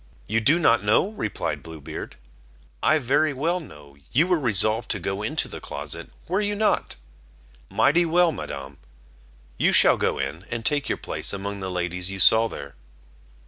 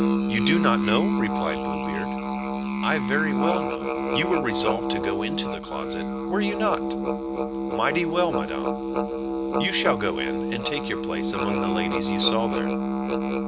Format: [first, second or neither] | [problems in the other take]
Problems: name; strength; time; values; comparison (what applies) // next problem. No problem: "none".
first | background sound (Musical instrument); 3 dB above the speech